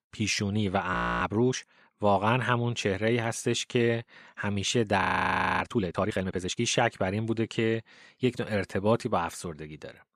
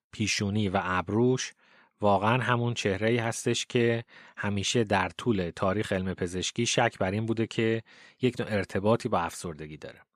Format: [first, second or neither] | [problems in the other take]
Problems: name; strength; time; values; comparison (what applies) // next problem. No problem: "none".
second | audio freezing; at 1 s and at 5 s for 0.5 s